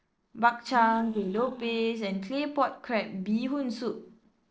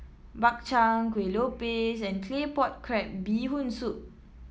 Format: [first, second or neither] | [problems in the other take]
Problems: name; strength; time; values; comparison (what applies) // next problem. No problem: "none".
second | noise reduction (neural separator model SepFormer DNS4)